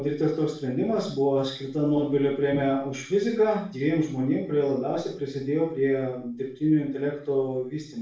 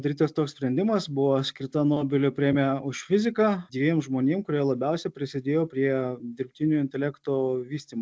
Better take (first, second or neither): second